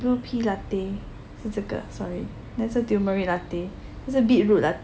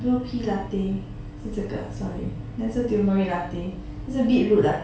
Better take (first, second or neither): first